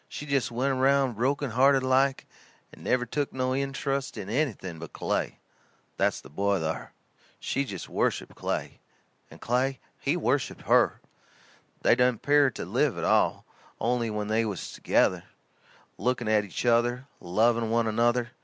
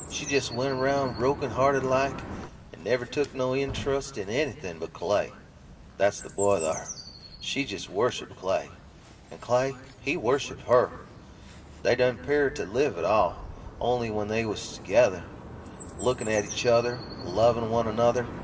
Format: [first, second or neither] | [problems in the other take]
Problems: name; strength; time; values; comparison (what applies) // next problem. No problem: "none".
first | background sound (Chirp, tweet); 14 dB below the speech // room echo; dies away in 1.8 s